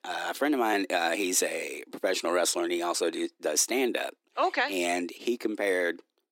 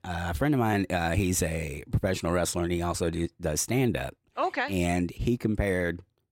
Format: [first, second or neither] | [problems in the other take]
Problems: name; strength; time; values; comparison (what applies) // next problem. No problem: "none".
second | thin; somewhat; fading below 300 Hz